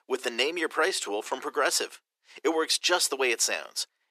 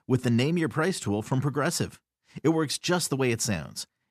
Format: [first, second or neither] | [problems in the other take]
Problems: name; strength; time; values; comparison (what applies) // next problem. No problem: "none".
second | thin; very; fading below 400 Hz